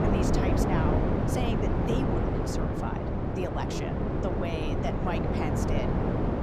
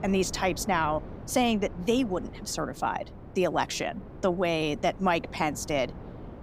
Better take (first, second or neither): second